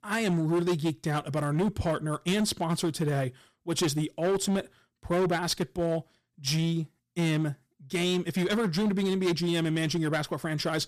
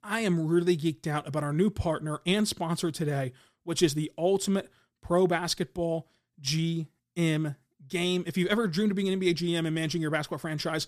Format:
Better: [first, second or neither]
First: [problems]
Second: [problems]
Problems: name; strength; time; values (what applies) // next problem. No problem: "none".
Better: second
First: distortion; slight; 11% of the sound clipped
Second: none